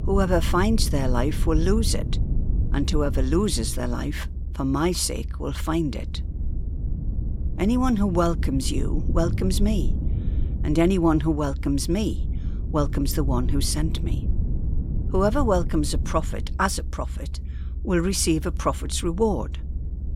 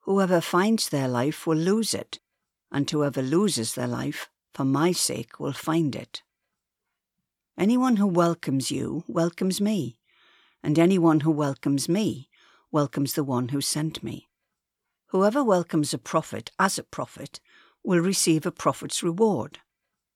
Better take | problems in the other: second | low rumble; noticeable; throughout; 15 dB below the speech

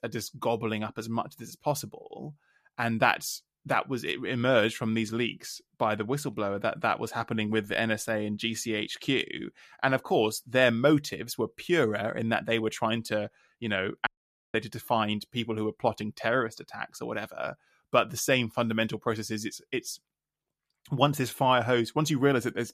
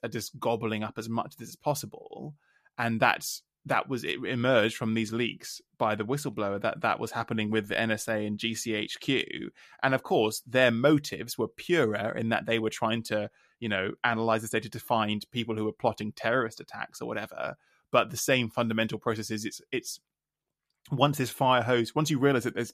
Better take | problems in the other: second | audio cutting out; at 14 s

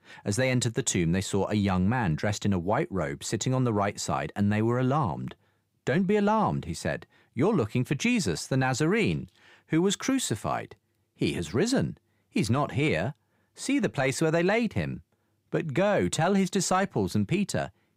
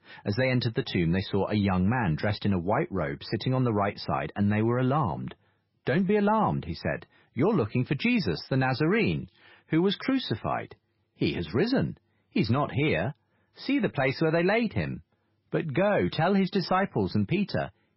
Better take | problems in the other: first | garbled, watery; badly; nothing above 5.5 kHz

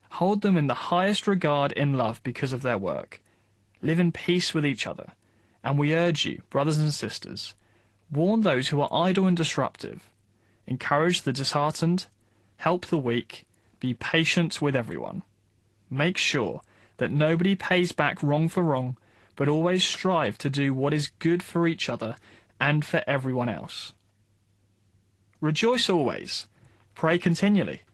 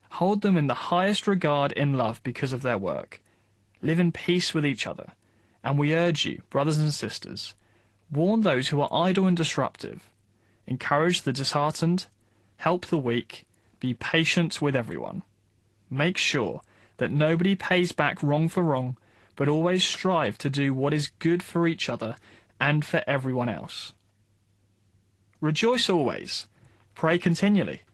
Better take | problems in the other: neither | garbled, watery; slightly; the same in both

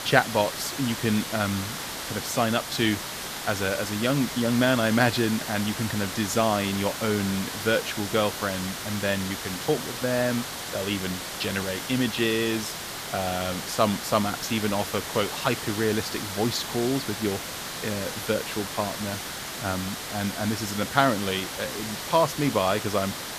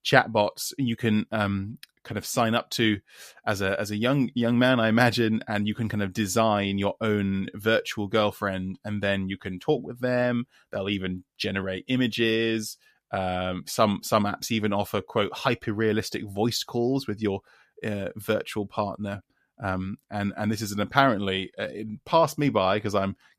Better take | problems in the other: second | hiss; loud; throughout; 5 dB below the speech

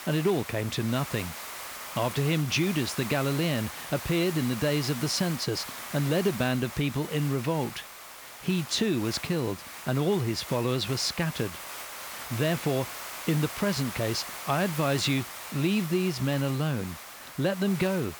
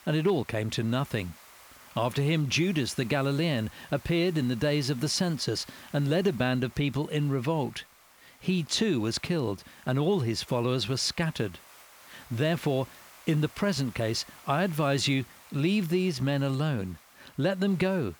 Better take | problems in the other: second | hiss; loud; throughout; 10 dB below the speech; faint in the second

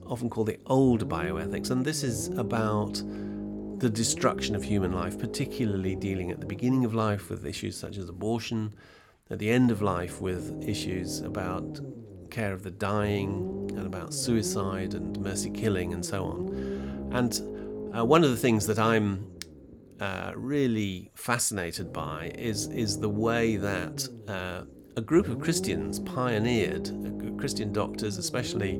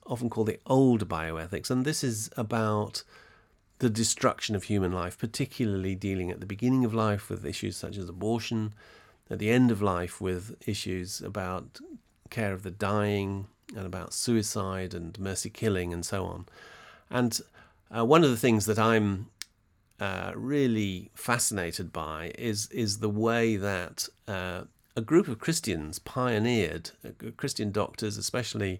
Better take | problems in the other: second | low rumble; loud; throughout; 10 dB below the speech

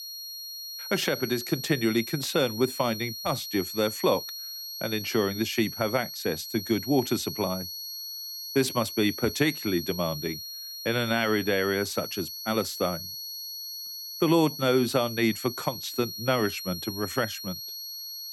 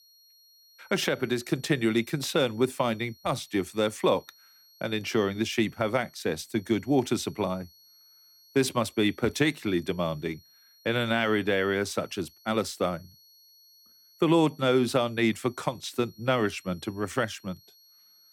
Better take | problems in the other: second | high-pitched whine; loud; throughout; 4.5 kHz, 7 dB below the speech; faint in the second

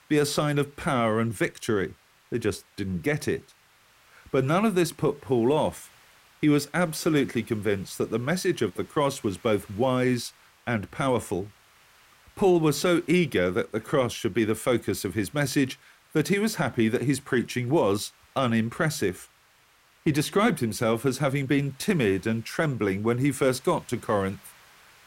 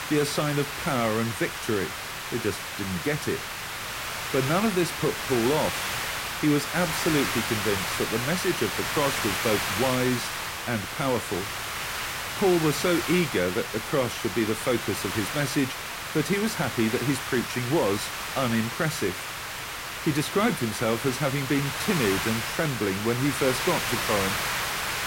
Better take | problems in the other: first | hiss; loud; throughout; 2 dB below the speech; faint in the first

